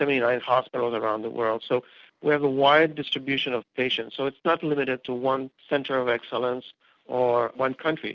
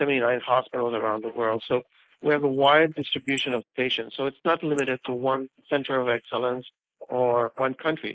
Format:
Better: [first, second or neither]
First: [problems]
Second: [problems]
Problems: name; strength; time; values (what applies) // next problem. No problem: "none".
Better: first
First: none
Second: noise reduction (neural mask model Resemble Enhance denoiser)